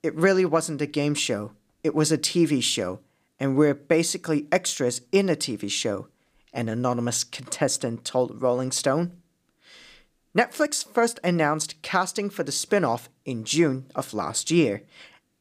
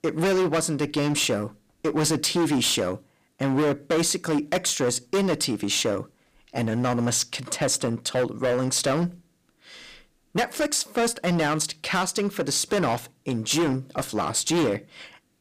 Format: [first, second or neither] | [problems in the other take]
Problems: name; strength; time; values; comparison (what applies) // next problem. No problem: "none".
first | distortion; heavy; 15% of the sound clipped